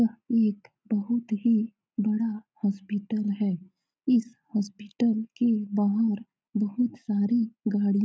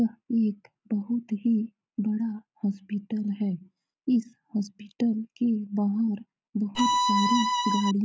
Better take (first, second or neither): first